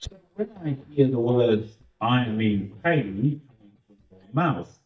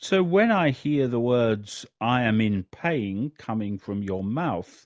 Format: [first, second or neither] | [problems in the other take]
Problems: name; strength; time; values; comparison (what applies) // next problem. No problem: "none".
second | noise reduction (neural mask model DeepFilterNet 3)